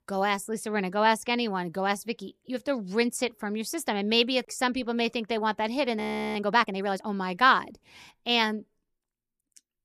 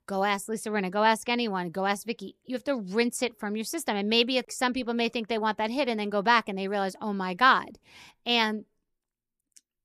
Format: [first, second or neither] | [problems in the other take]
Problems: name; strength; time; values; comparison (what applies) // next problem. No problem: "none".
second | audio freezing; at 6 s